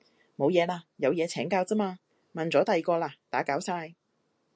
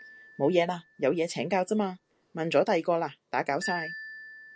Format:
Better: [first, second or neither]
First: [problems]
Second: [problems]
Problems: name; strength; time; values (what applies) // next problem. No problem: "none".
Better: first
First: none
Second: background sound (Marimba, xylophone); 16 dB below the speech